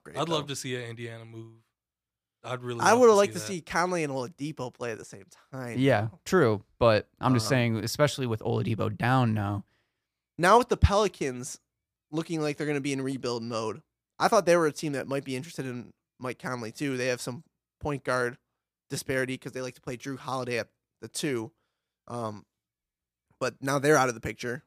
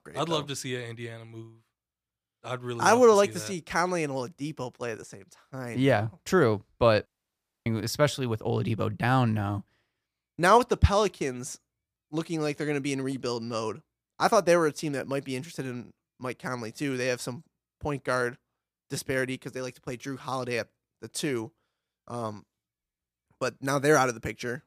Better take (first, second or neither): first